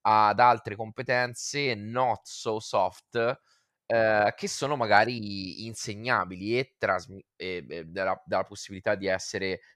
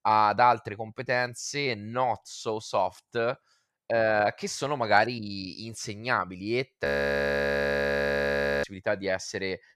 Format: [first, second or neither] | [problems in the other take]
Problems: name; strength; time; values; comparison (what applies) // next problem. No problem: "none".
first | audio freezing; at 7 s for 2 s